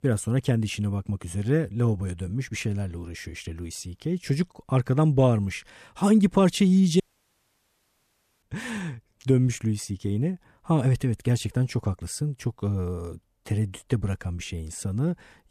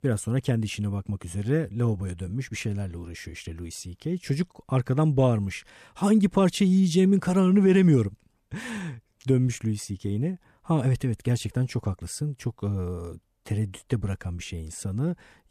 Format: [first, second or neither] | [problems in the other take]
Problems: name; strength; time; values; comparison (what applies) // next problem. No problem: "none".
second | audio cutting out; at 7 s for 1.5 s